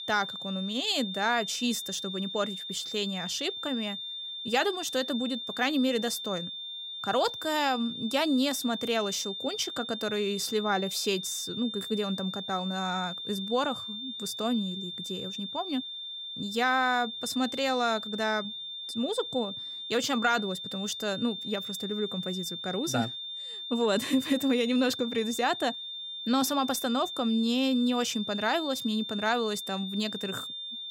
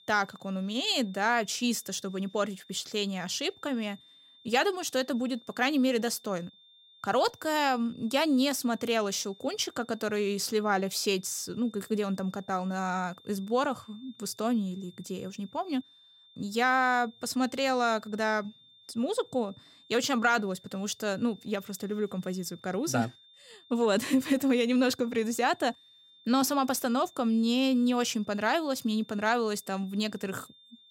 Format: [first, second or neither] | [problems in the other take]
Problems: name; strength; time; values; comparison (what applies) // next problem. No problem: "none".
second | high-pitched whine; loud; throughout; 3.5 kHz, 6 dB below the speech; faint in the second